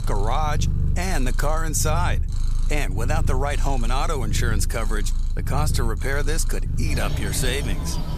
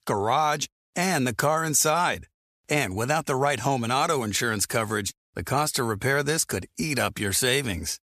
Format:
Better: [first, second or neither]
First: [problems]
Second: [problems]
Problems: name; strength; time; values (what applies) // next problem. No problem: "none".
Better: second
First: animal sounds; very loud; throughout; 1 dB above the speech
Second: none